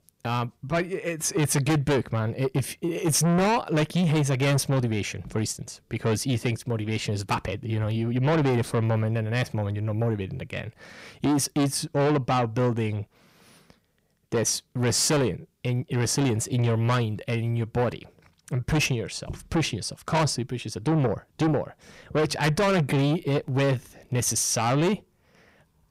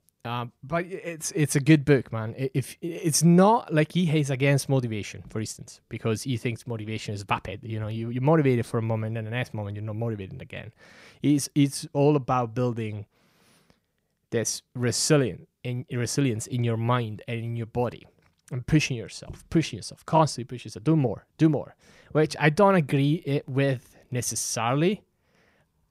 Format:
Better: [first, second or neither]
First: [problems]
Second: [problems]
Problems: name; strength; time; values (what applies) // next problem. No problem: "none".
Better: second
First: distortion; heavy; 6 dB below the speech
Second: none